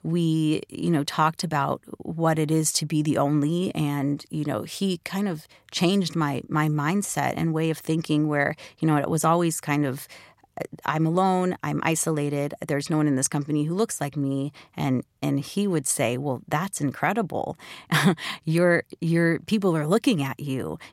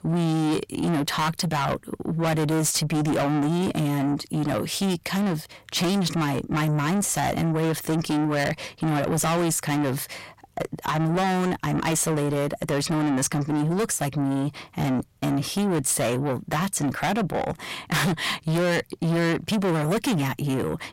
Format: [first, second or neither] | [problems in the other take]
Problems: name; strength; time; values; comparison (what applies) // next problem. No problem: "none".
first | distortion; heavy; 5 dB below the speech